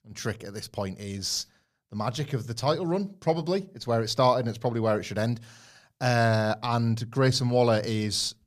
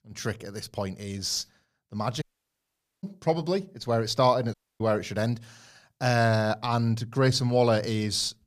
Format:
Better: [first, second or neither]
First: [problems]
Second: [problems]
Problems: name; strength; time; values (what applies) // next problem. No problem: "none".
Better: first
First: none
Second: audio cutting out; at 2 s for 1 s and at 4.5 s